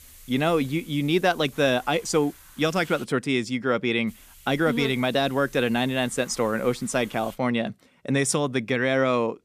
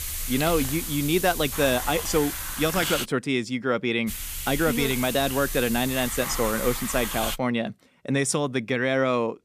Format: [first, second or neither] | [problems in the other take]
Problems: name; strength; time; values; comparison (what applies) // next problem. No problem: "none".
first | hiss; loud; until 3 s and from 4 to 7.5 s; 5 dB below the speech; faint in the first